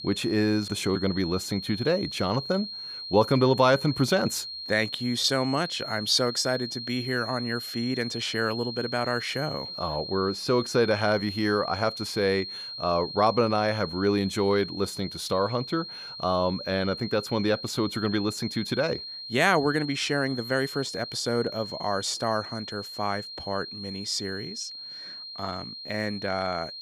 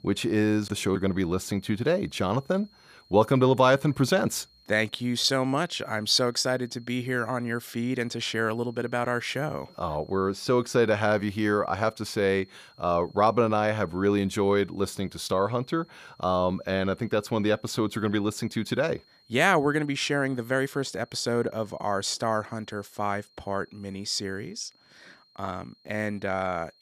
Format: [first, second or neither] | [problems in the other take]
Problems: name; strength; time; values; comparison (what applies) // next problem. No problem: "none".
second | high-pitched whine; loud; throughout; 4 kHz, 8 dB below the speech; faint in the second